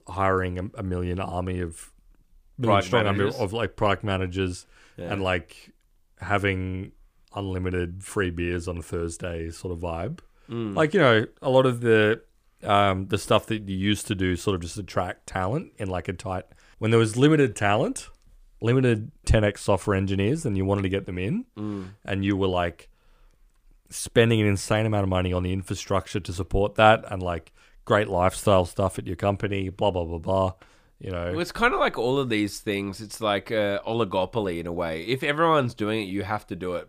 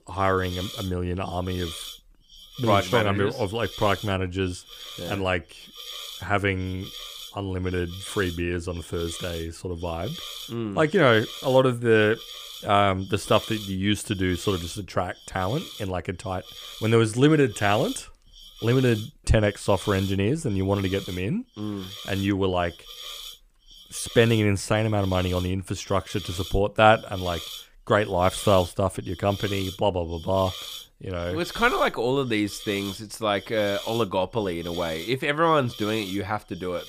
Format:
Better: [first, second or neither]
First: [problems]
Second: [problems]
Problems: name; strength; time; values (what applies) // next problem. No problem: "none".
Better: first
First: none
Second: hiss; noticeable; throughout; 15 dB below the speech